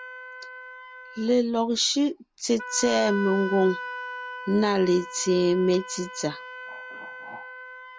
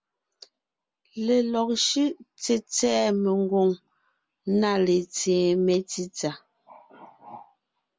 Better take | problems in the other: second | background sound (Wind instrument, woodwind instrument); 12 dB below the speech

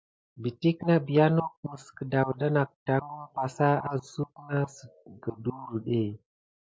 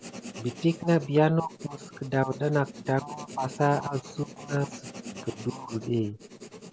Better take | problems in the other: first | background sound (Writing); 15 dB below the speech

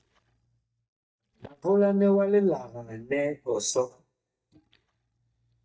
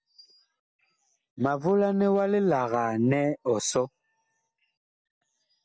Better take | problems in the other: second | noise reduction (neural mask model DeepFilterNet 3)

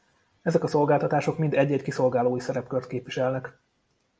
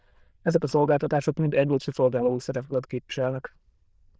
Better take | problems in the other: first | noise reduction (neural diffusion model UNIVERSE++)

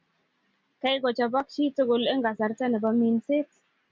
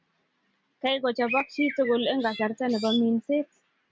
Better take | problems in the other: first | background sound (Bird); 9 dB below the speech

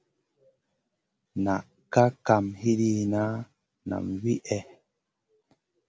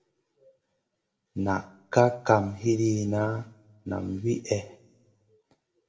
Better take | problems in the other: first | room echo; dies away in 0.4 s

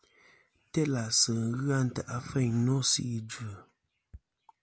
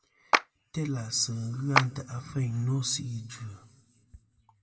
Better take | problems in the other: first | background sound (Clapping); as loud as the speech // room echo; dies away in 1.6 s

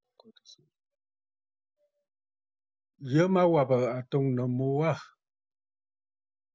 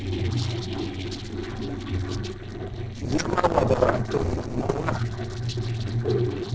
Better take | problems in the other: first | noise reduction (neural separator model SepFormer DNS4)

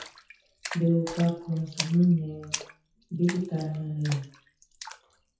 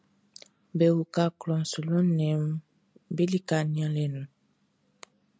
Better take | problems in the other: second | noise reduction (classical method WPE with log-MMSE)

